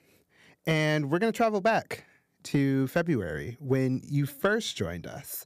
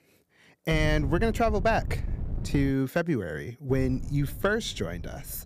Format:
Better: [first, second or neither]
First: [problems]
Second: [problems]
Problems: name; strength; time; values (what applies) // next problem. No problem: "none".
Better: first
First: none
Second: wind noise on the microphone; occasional gusts; from 0.5 to 2.5 s and from 3.5 s on; 20 dB below the speech